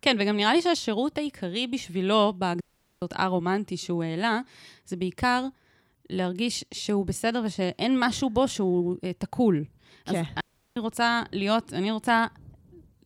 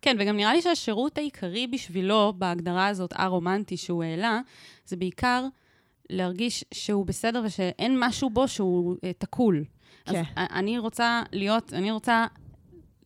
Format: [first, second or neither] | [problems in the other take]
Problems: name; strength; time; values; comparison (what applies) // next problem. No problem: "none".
second | audio cutting out; at 2.5 s and at 10 s